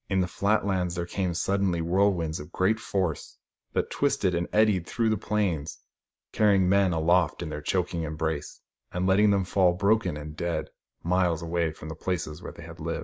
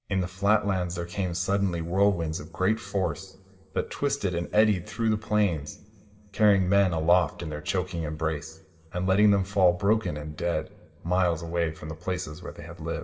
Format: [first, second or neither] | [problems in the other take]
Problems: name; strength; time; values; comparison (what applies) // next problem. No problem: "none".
first | room echo; dies away in 1.9 s